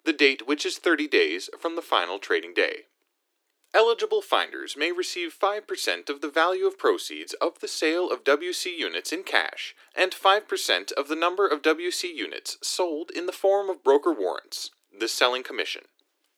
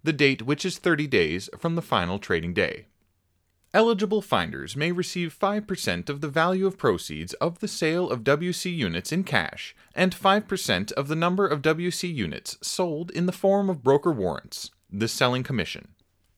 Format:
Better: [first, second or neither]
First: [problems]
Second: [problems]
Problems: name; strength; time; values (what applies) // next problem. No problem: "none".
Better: second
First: thin; somewhat; fading below 300 Hz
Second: none